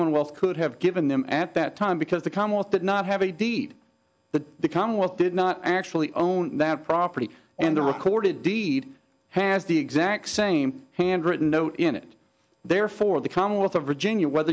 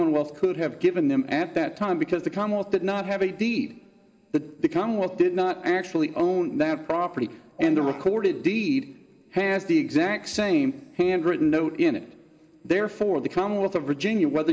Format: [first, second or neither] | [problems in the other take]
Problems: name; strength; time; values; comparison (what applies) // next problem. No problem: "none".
first | room echo; dies away in 2.1 s